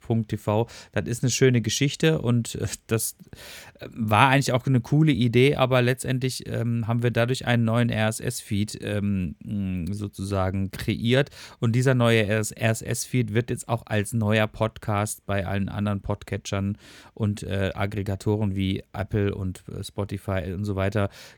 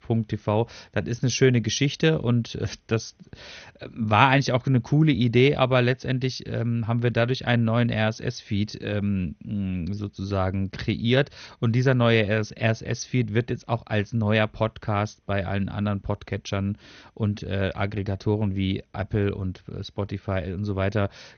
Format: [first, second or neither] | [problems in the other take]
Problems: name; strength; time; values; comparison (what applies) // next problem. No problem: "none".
first | garbled, watery; slightly; nothing above 6.5 kHz